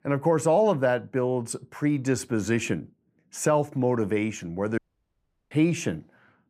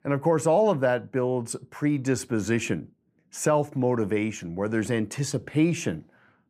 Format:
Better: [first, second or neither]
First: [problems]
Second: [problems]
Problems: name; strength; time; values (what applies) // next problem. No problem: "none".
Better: second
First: audio cutting out; at 5 s for 0.5 s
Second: none